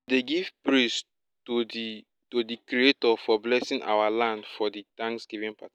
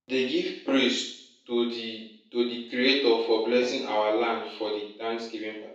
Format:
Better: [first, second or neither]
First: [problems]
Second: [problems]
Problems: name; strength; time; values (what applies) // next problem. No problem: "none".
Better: first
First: none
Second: room echo; dies away in 0.7 s